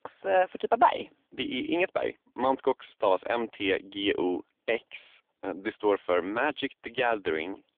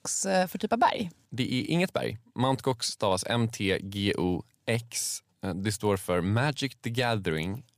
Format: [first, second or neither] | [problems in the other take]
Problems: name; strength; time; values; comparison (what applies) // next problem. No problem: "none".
second | phone-call audio; poor line; nothing above 3.5 kHz